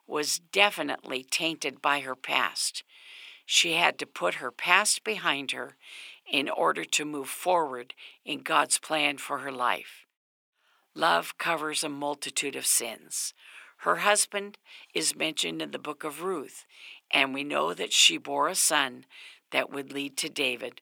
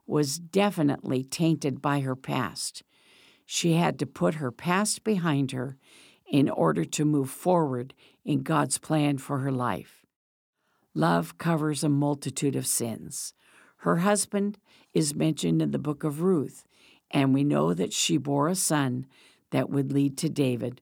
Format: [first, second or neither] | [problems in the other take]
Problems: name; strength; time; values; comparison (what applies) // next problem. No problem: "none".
second | thin; very; fading below 600 Hz